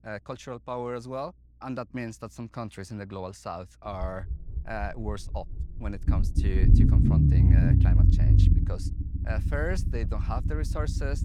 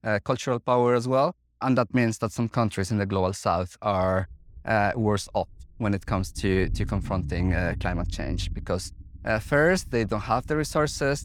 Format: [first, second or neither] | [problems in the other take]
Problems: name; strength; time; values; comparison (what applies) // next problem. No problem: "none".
second | low rumble; loud; throughout; as loud as the speech; faint in the second